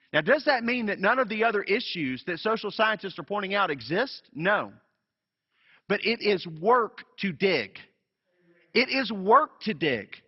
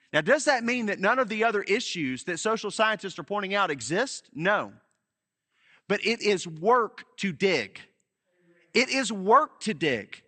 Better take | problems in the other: second | garbled, watery; badly; nothing above 5.5 kHz; slightly in the second

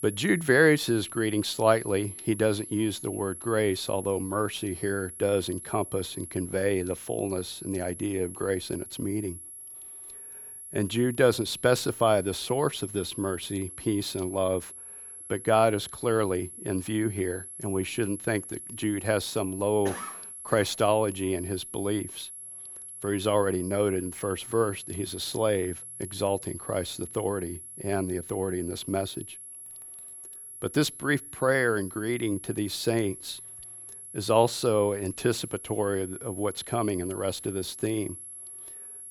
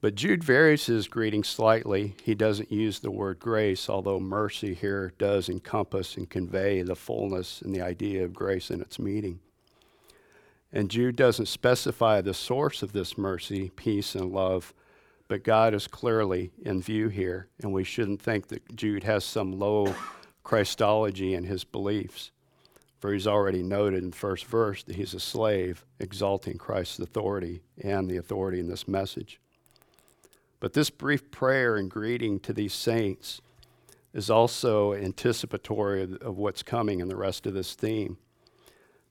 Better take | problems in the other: second | high-pitched whine; noticeable; throughout; 11 kHz, 10 dB below the speech

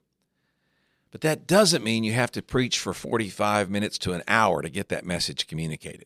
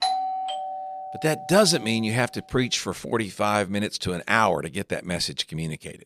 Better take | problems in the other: first | doorbell; noticeable; until 2 s; peak 1 dB below the speech

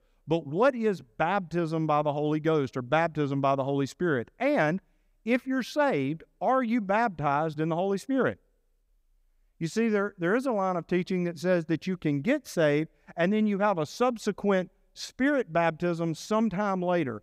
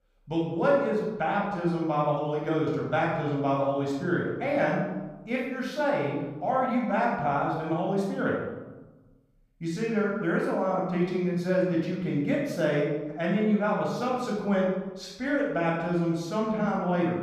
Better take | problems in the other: first | off-mic speech; far // room echo; noticeable; dies away in 1 s

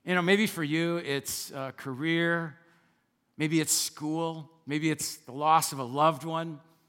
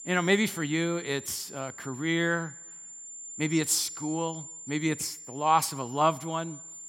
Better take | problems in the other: first | high-pitched whine; noticeable; throughout; 7 kHz, 10 dB below the speech

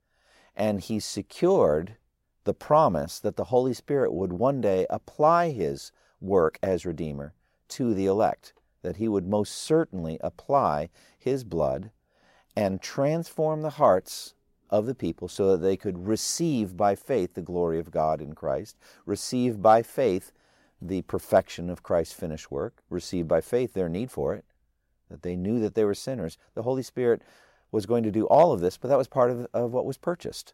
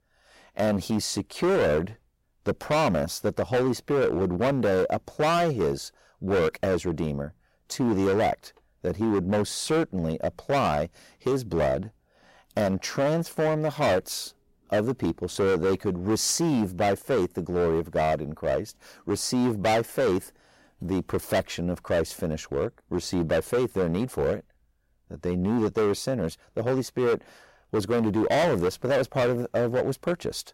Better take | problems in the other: first | distortion; heavy; 14% of the sound clipped

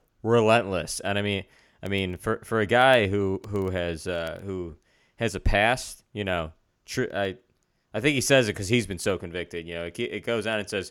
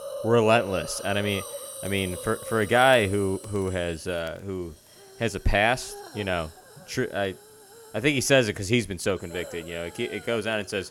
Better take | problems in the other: first | hiss; noticeable; throughout; 15 dB below the speech

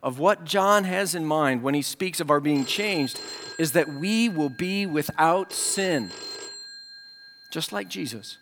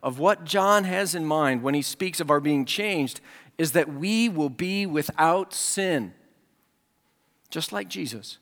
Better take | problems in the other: second | phone ringing; noticeable; from 2.5 s on; peak 10 dB below the speech

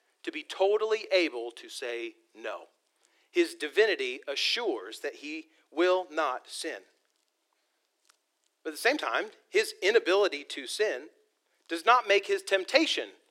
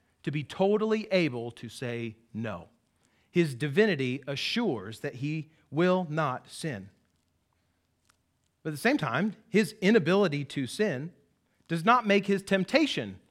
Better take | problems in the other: second | thin; very; fading below 350 Hz

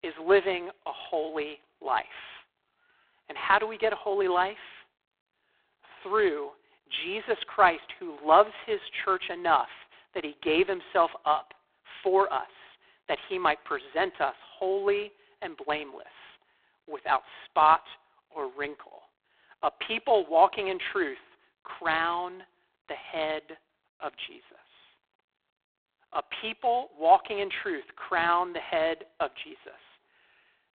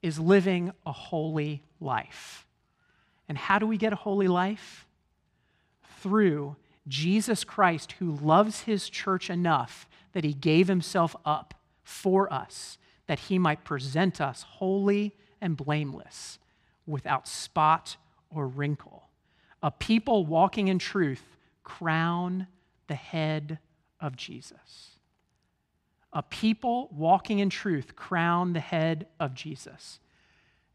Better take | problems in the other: second | phone-call audio; poor line

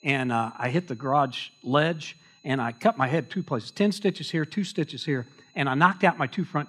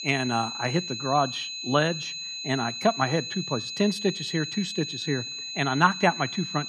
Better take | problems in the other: first | high-pitched whine; loud; throughout; 4 kHz, 6 dB below the speech; faint in the first

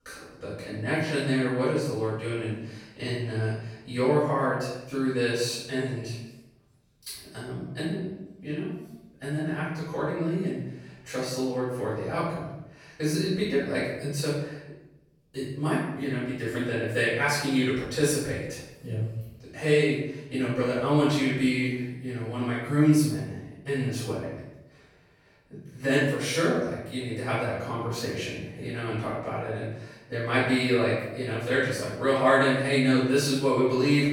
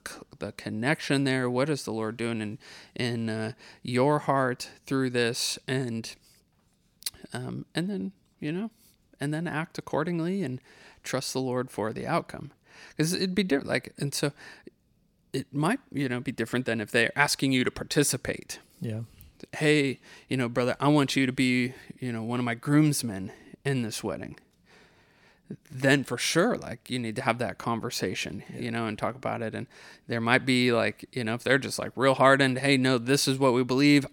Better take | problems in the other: second | off-mic speech; far // room echo; strong; dies away in 0.8 s

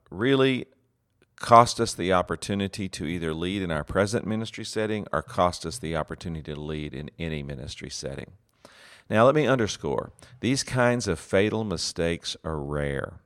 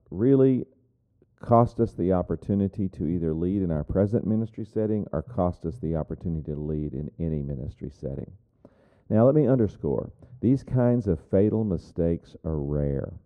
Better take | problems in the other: first | muffled; very; fading above 1 kHz

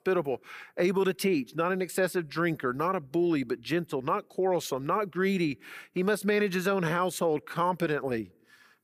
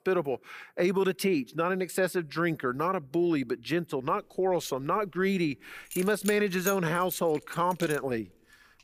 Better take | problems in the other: first | jangling keys; noticeable; from 6 to 8 s; peak 8 dB below the speech

